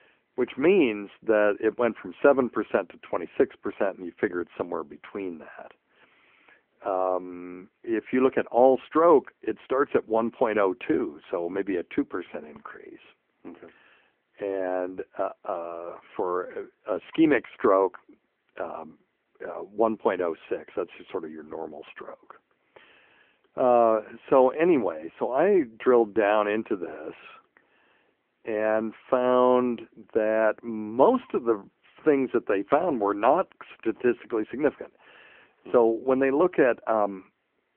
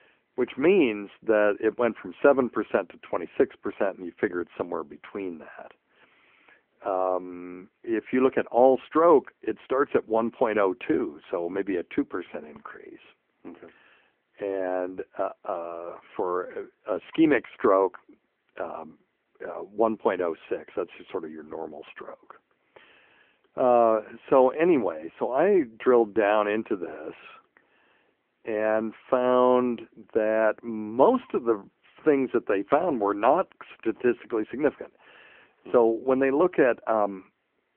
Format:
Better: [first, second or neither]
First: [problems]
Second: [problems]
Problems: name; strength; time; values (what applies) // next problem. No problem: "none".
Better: neither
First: phone-call audio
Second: phone-call audio